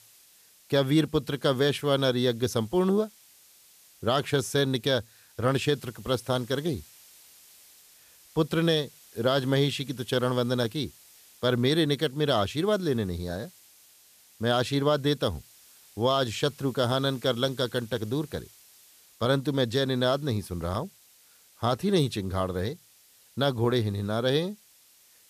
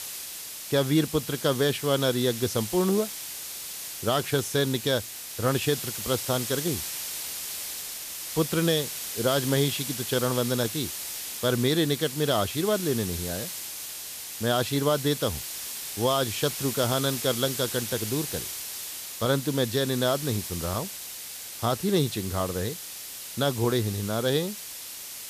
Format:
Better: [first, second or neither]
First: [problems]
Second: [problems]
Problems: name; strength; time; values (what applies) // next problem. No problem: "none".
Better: first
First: hiss; faint; throughout; 25 dB below the speech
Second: hiss; loud; throughout; 6 dB below the speech